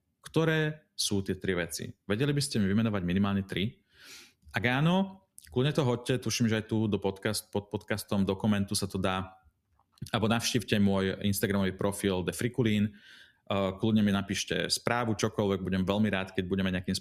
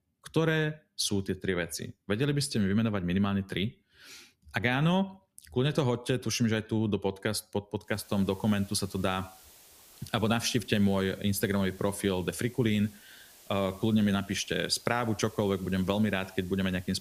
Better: first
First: none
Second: hiss; faint; from 8 s on; 25 dB below the speech

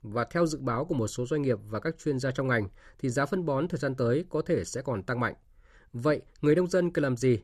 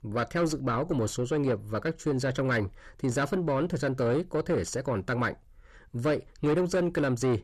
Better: first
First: none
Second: distortion; slight; 10 dB below the speech

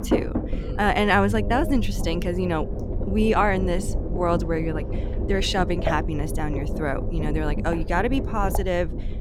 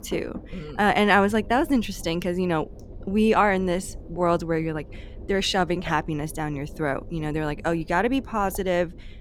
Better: second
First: low rumble; loud; throughout; 10 dB below the speech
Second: low rumble; faint; throughout; 25 dB below the speech

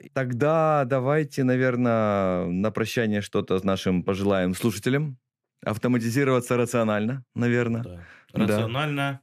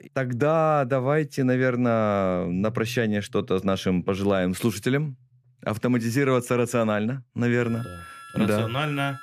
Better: first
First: none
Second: background music; noticeable; from 2.5 s on; 20 dB below the speech

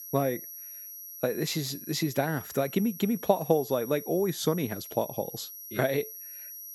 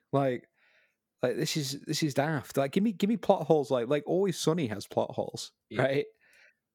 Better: second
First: high-pitched whine; noticeable; throughout; 11.5 kHz, 10 dB below the speech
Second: none

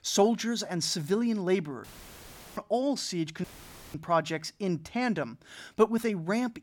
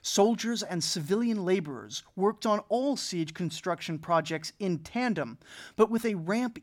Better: second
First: audio cutting out; filled with static; at 2 s for 0.5 s and at 3.5 s for 0.5 s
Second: none

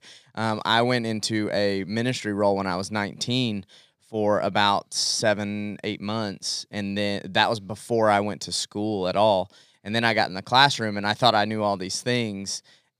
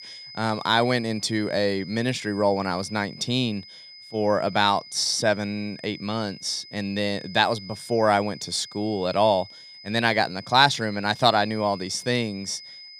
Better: first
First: none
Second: high-pitched whine; noticeable; throughout; 5 kHz, 15 dB below the speech

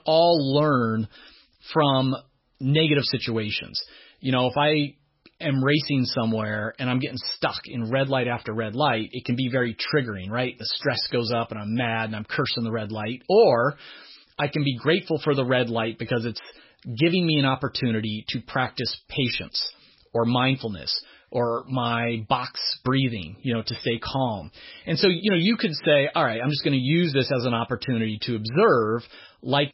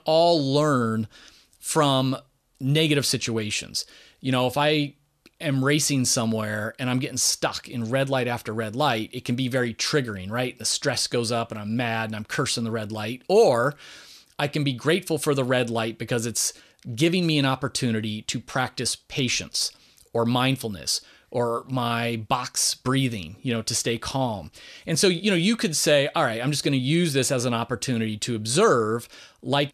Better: second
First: garbled, watery; badly; nothing above 5.5 kHz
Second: none

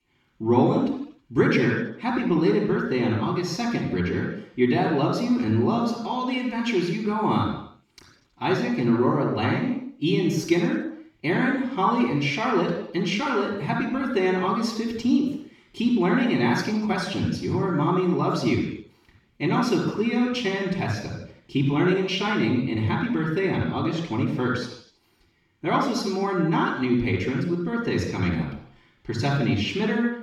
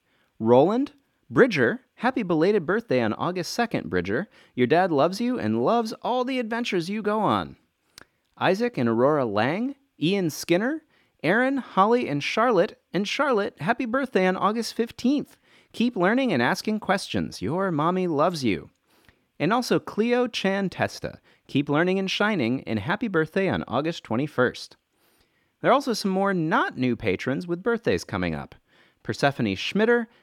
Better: second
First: room echo; noticeable; dies away in 0.7 s // off-mic speech; far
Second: none

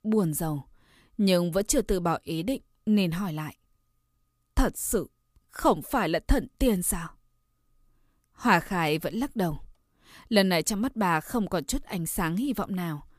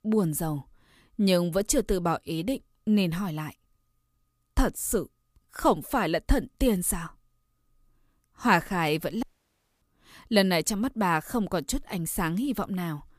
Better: first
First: none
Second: audio cutting out; at 9 s for 0.5 s

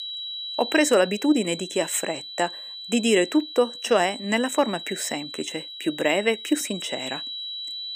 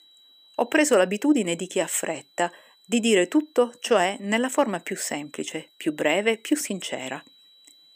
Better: second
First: high-pitched whine; loud; throughout; 4 kHz, 10 dB below the speech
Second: high-pitched whine; faint; throughout; 4 kHz, 30 dB below the speech

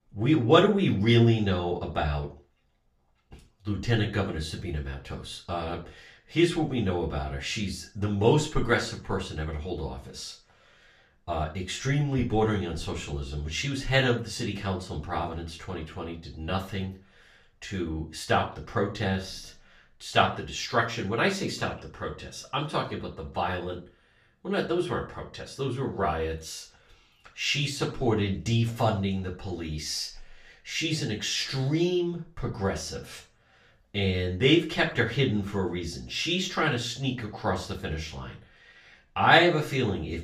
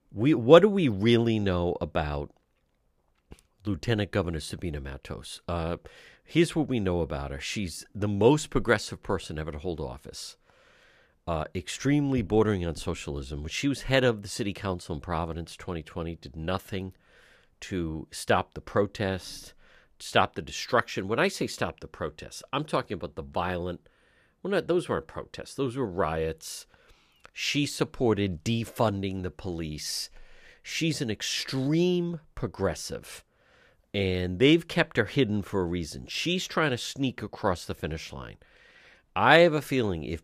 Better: second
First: room echo; slight; dies away in 0.3 s // off-mic speech; far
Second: none

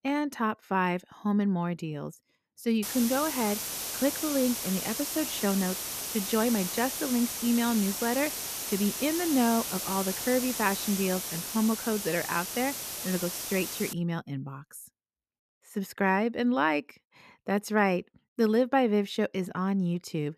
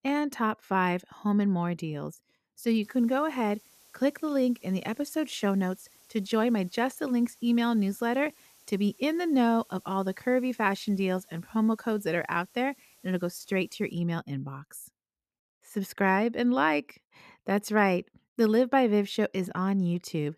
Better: second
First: hiss; loud; from 3 to 14 s; 4 dB below the speech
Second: hiss; faint; from 3 to 14 s; 30 dB below the speech

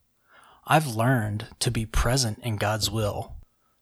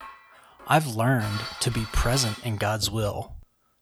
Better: first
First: none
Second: clattering dishes; noticeable; until 2.5 s; peak 7 dB below the speech

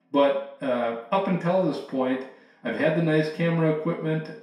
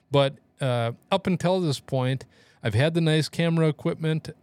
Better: second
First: room echo; noticeable; dies away in 0.6 s // off-mic speech; far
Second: none

